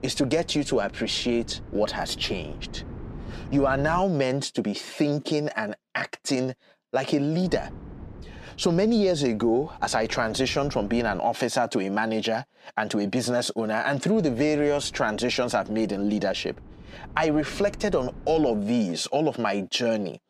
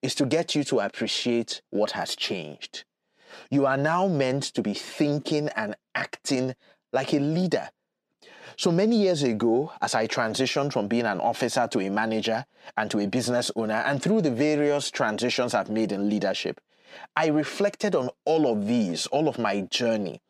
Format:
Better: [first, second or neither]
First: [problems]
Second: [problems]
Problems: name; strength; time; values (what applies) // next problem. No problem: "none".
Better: second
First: wind noise on the microphone; occasional gusts; until 4 s, from 7.5 to 11 s and from 14 to 19 s; 25 dB below the speech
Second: none